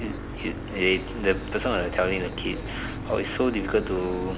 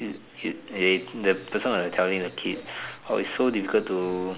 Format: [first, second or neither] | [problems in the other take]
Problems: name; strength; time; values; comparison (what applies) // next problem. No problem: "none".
second | background sound (Engine / Boat, Water vehicle); 7 dB below the speech